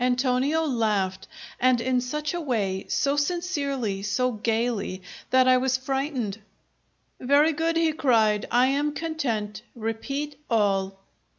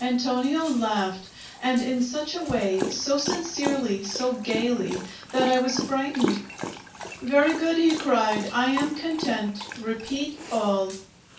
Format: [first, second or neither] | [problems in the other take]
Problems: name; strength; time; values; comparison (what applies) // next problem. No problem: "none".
first | background sound (Dog); 10 dB below the speech // room echo; dies away in 0.3 s